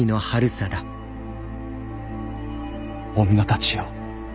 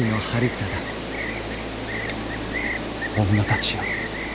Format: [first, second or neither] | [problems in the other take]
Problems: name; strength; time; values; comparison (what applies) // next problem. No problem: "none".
first | background sound (Insect); 3 dB below the speech